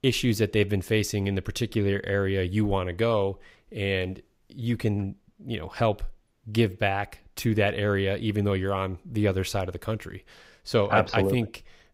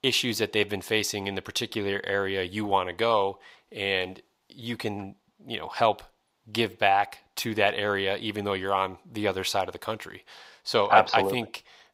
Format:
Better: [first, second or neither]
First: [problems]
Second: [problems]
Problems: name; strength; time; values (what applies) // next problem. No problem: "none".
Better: first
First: none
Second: thin; somewhat; fading below 1 kHz